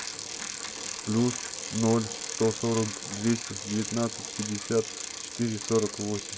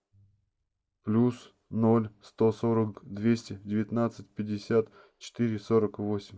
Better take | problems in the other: second | background sound (Bicycle); 6 dB below the speech

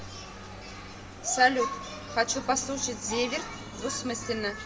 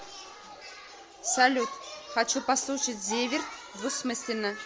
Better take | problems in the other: second | background sound (Vehicle); 13 dB below the speech // room echo; dies away in 0.7 s

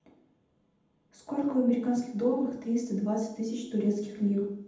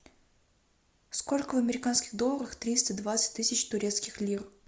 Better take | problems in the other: second | room echo; dies away in 0.8 s

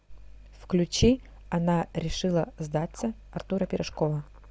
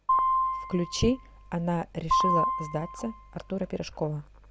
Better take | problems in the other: first | background sound (Piano); 2 dB above the speech

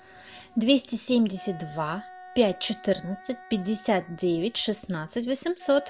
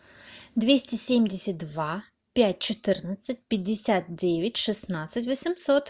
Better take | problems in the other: second | background sound (Wind instrument, woodwind instrument); 20 dB below the speech

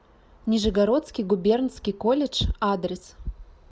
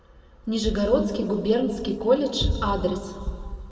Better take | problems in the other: first | room echo; dies away in 1.8 s

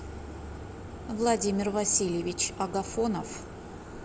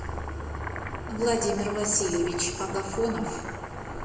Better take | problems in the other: first | background sound (Boiling); 10 dB below the speech // room echo; dies away in 1.1 s

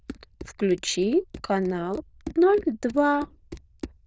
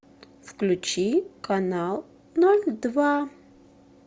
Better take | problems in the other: second | noise reduction (neural diffusion model UNIVERSE++)

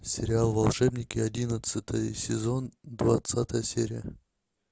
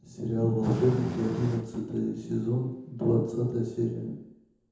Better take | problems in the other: first | background sound (Fire); 11 dB below the speech // room echo; dies away in 1 s

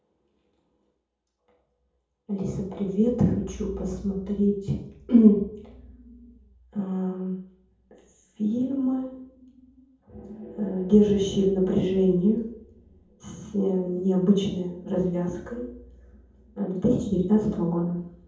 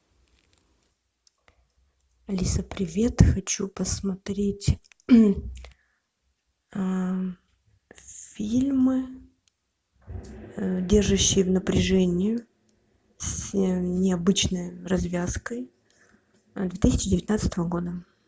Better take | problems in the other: second | room echo; dies away in 0.7 s

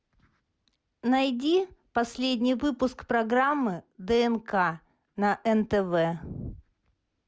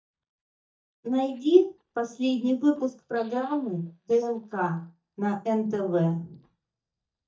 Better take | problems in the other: first | noise reduction (neural mask model DeepFilterNet 3)

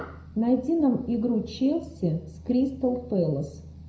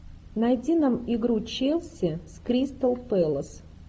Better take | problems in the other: second | room echo; dies away in 0.4 s

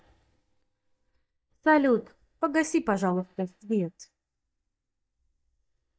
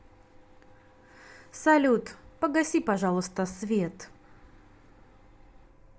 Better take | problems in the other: second | noise reduction (neural mask model DeepFilterNet 3)

